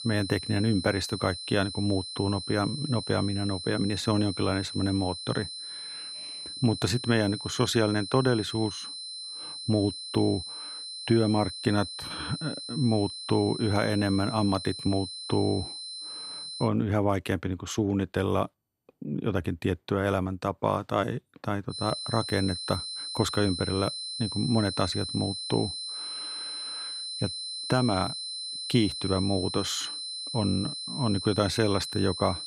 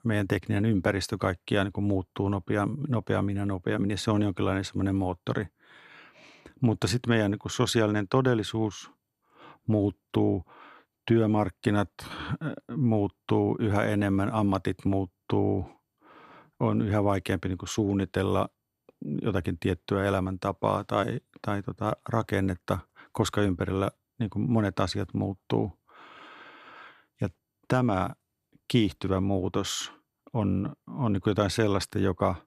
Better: second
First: high-pitched whine; loud; until 17 s and from 22 s on; 4 kHz, 6 dB below the speech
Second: none

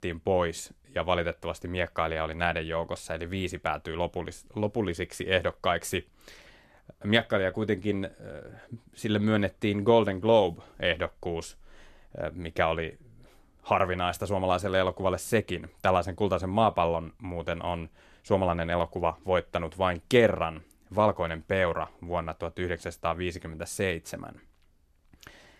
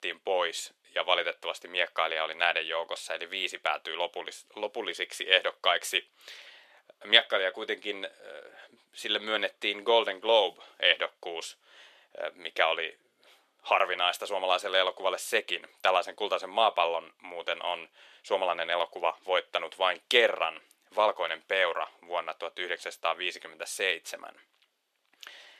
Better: first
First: none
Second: thin; very; fading below 500 Hz

